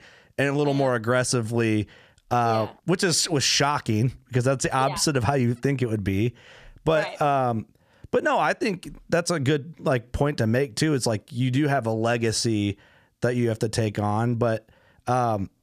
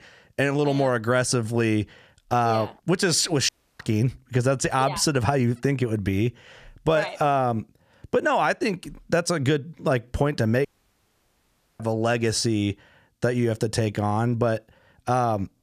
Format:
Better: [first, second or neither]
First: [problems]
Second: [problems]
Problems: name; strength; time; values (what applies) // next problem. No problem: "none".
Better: first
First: none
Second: audio cutting out; at 3.5 s and at 11 s for 1 s